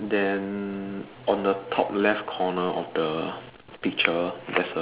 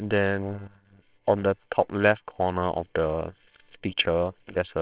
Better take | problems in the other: first | noise reduction (neural separator model SepFormer WHAMR!)

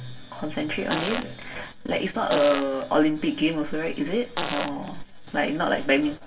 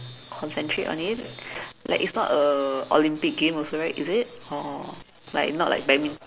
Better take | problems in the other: second | background sound (Fart); 7 dB below the speech // room echo; dies away in 0.2 s

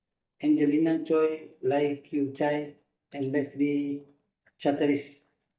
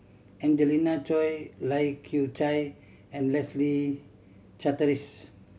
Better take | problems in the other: second | noise reduction (neural mask model DeepFilterNet 3)

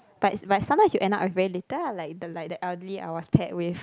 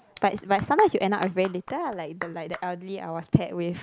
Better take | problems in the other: first | background sound (Clapping); 16 dB below the speech

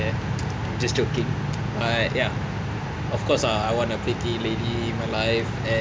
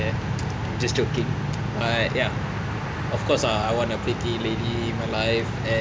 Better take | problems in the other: first | background sound (Car); 18 dB below the speech

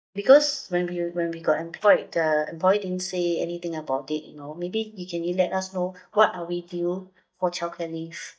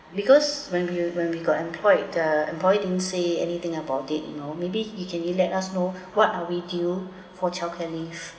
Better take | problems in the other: second | noise reduction (neural mask model DeepFilterNet 3)

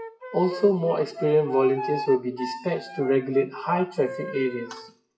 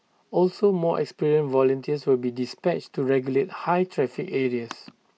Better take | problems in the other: second | noise reduction (classical method WPE with log-MMSE)

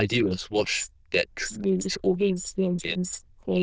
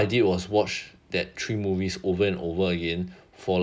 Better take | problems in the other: second | noise reduction (neural diffusion model UNIVERSE++)

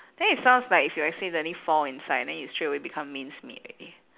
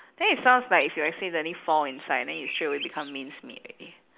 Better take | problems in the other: first | noise reduction (neural mask model Resemble Enhance denoiser)

